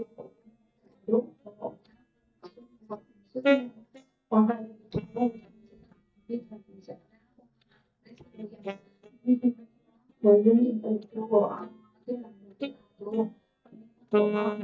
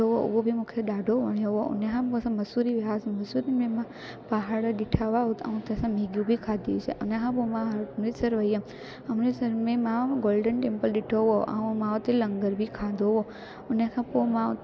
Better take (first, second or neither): second